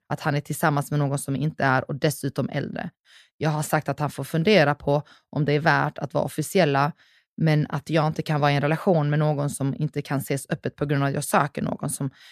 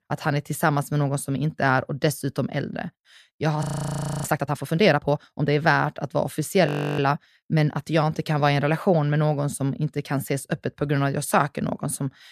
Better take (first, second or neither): first